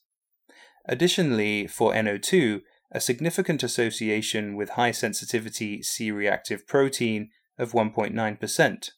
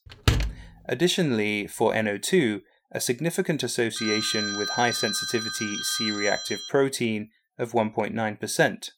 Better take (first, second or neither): first